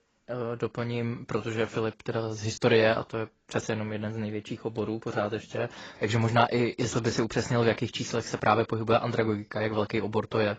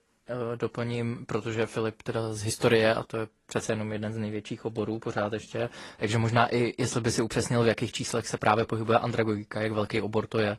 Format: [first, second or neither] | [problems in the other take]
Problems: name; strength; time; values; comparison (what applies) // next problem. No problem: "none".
second | garbled, watery; badly; nothing above 7.5 kHz; slightly in the second